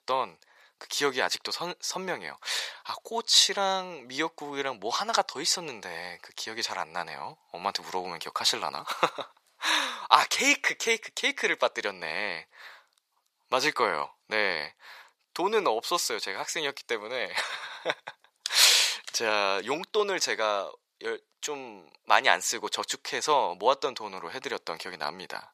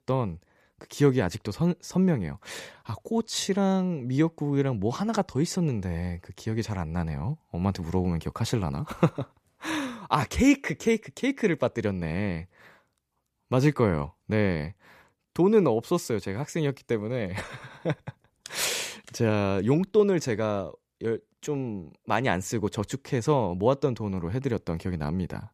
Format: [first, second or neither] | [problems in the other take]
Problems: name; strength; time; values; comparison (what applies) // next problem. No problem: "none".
second | thin; very; fading below 900 Hz